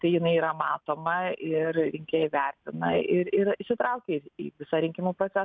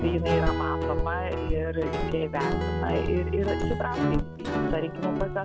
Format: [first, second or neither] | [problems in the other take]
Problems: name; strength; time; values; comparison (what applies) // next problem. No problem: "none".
first | background sound (Guitar); 3 dB above the speech